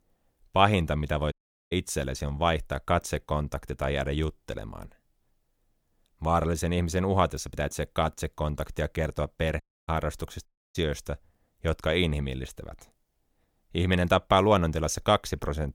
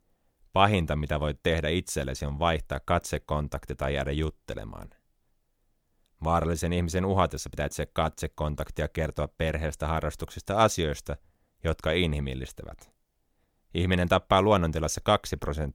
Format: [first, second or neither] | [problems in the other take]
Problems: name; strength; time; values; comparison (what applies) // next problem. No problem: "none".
second | audio cutting out; at 1.5 s, at 9.5 s and at 10 s